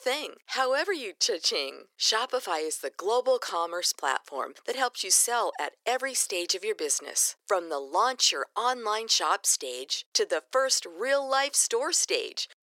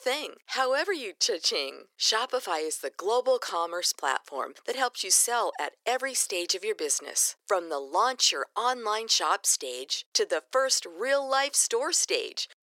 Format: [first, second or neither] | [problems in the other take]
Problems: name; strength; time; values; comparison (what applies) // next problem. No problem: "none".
neither | thin; very; fading below 400 Hz; the same in both